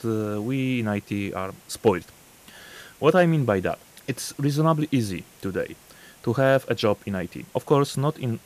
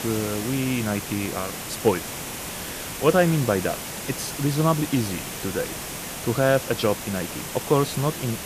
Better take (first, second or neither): first